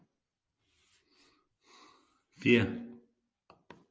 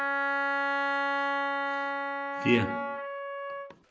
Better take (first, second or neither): first